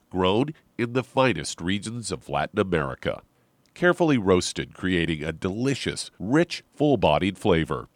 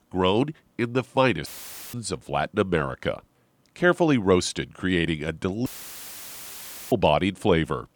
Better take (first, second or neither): first